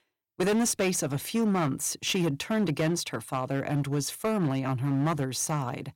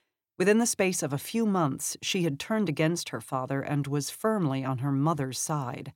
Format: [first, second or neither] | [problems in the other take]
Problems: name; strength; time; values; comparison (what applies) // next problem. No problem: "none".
second | distortion; slight; 11% of the sound clipped